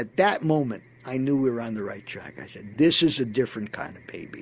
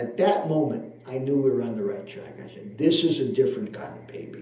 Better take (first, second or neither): first